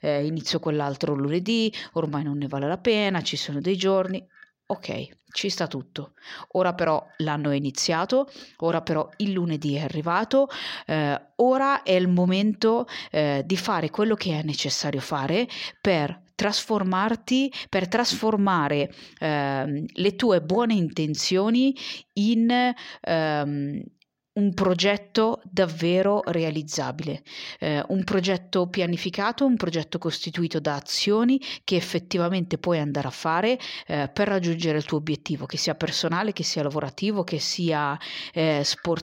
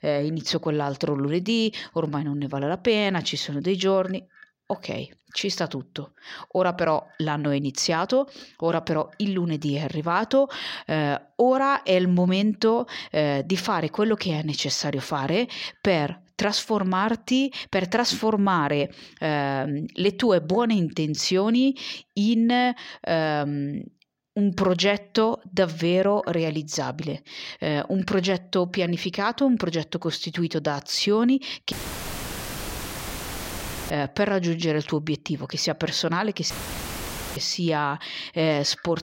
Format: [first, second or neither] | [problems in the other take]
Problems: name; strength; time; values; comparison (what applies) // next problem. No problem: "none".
first | audio cutting out; filled with static; at 32 s for 2 s and at 37 s for 1 s